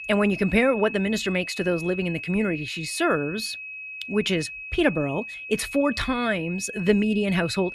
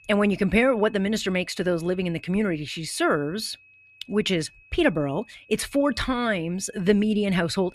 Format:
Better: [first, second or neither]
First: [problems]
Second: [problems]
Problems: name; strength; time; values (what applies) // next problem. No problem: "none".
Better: second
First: high-pitched whine; loud; throughout; 2.5 kHz, 9 dB below the speech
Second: high-pitched whine; faint; throughout; 2.5 kHz, 25 dB below the speech